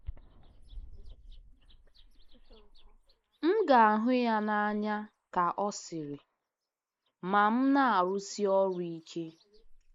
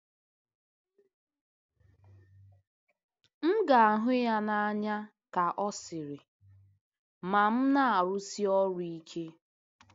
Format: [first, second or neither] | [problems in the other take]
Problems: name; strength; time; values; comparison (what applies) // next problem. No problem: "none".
second | noise reduction (neural mask model Resemble Enhance denoiser)